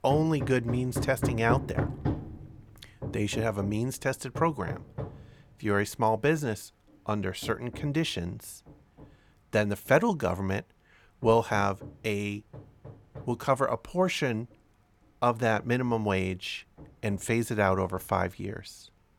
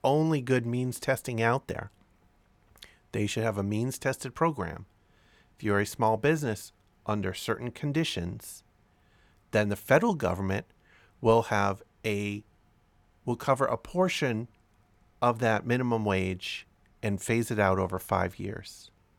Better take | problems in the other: second | machinery noise; loud; throughout; 8 dB below the speech

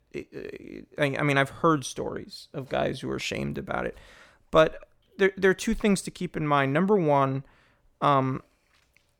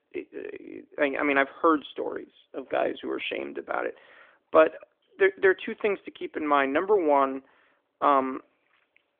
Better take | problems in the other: first | phone-call audio; nothing above 3.5 kHz

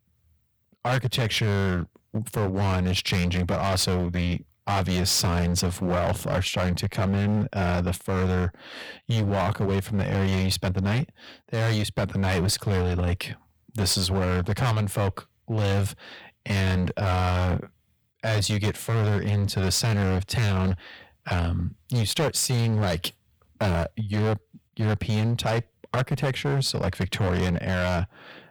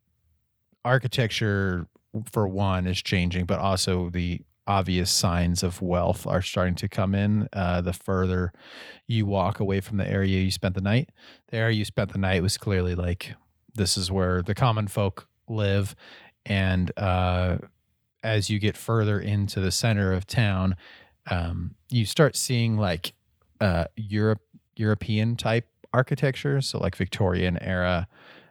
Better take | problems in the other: second | distortion; heavy; 18% of the sound clipped

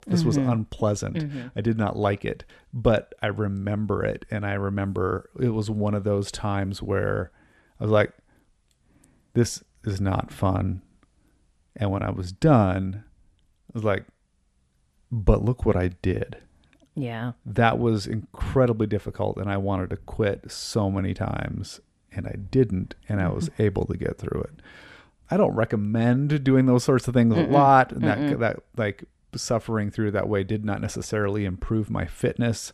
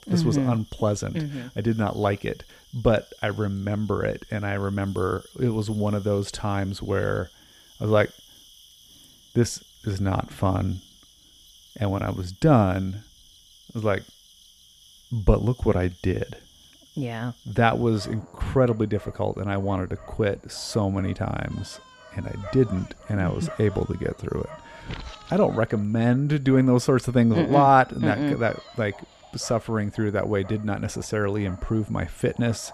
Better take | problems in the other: first | animal sounds; faint; throughout; 25 dB below the speech

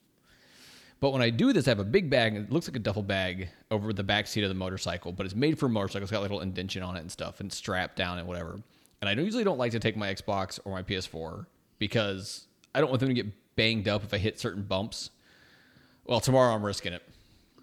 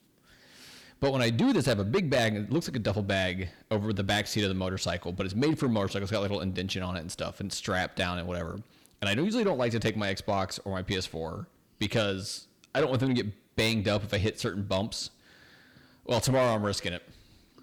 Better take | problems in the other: first | distortion; slight; 10 dB below the speech

